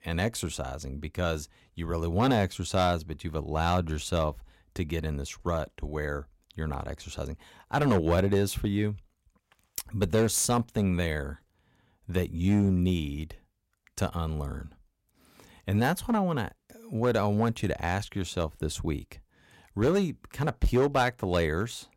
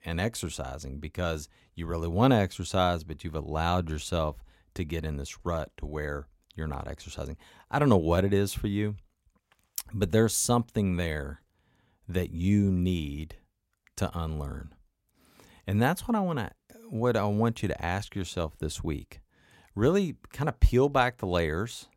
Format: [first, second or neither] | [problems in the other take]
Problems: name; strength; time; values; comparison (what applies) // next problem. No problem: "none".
second | distortion; slight; 3% of the sound clipped